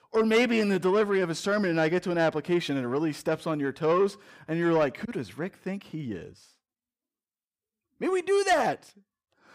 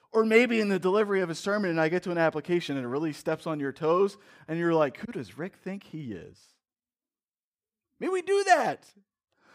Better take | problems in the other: second | distortion; slight; 10 dB below the speech

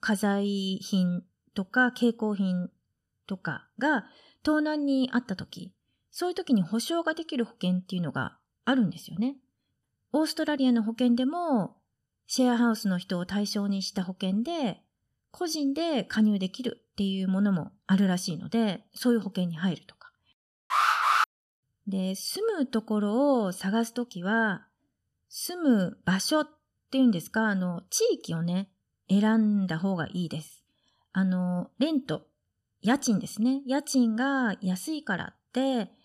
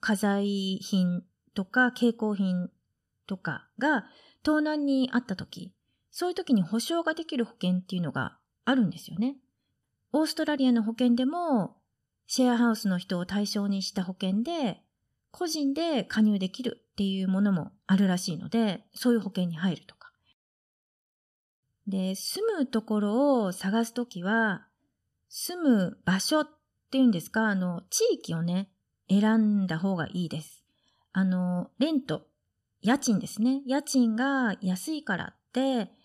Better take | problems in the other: second | alarm; loud; at 21 s; peak 6 dB above the speech

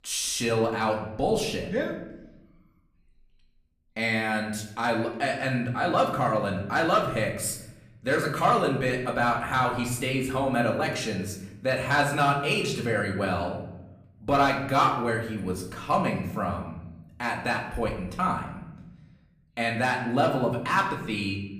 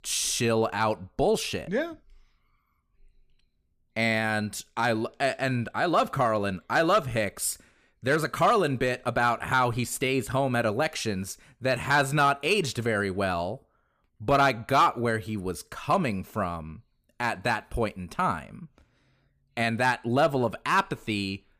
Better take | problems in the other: second | room echo; slight; dies away in 0.8 s // off-mic speech; far

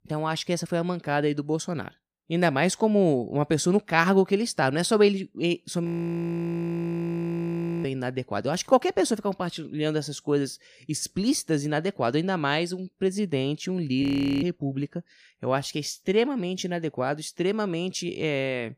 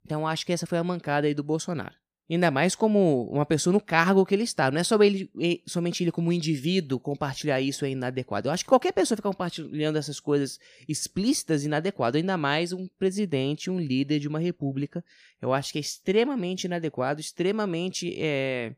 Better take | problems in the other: second | audio freezing; at 6 s for 2 s and at 14 s

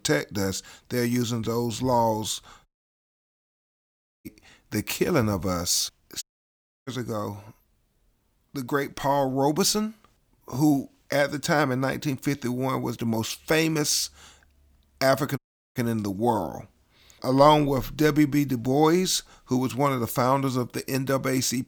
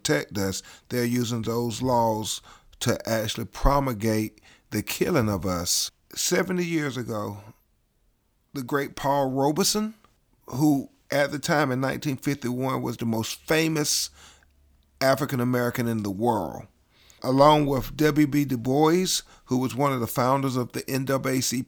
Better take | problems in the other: second | audio cutting out; at 2.5 s for 1.5 s, at 6 s for 0.5 s and at 15 s

